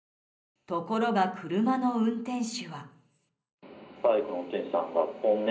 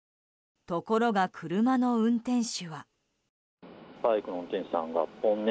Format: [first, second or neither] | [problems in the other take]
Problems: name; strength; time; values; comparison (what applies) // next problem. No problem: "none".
second | room echo; dies away in 0.5 s